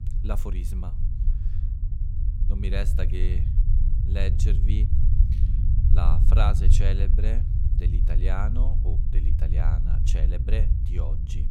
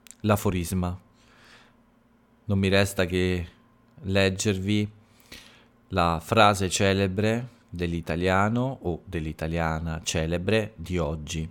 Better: second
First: low rumble; loud; throughout; 5 dB below the speech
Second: none

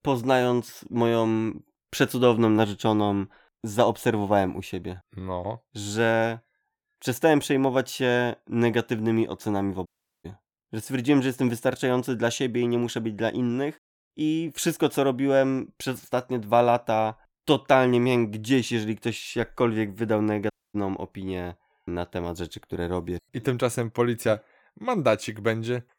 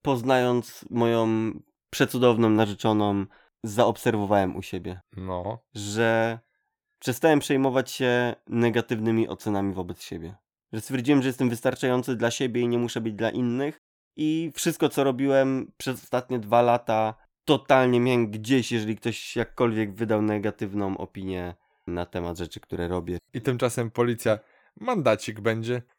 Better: second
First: audio cutting out; at 10 s and at 21 s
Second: none

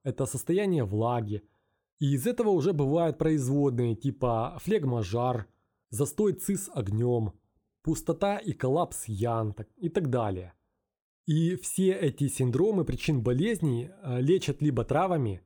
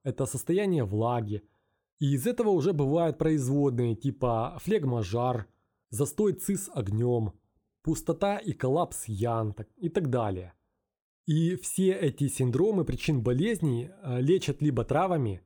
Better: neither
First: none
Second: none

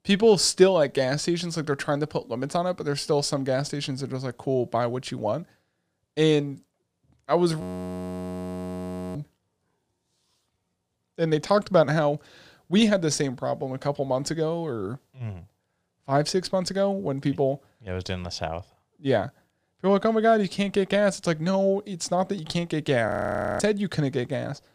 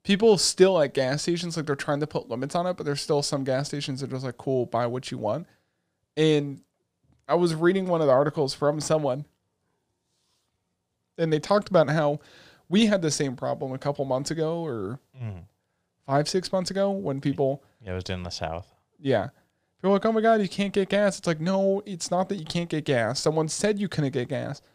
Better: second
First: audio freezing; at 7.5 s for 1.5 s and at 23 s for 0.5 s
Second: none

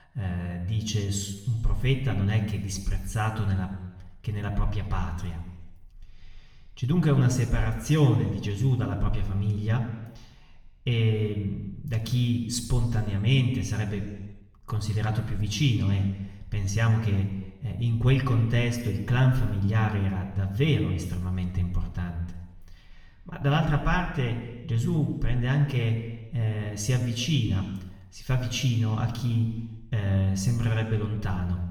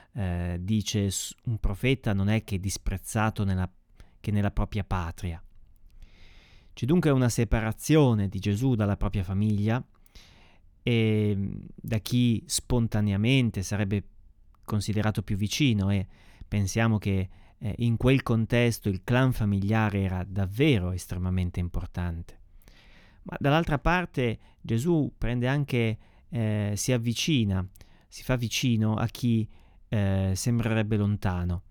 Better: second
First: room echo; noticeable; dies away in 1 s // off-mic speech; far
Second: none

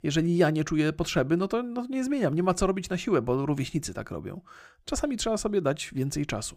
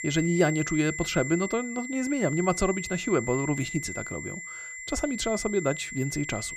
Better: first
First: none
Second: high-pitched whine; loud; throughout; 2 kHz, 7 dB below the speech

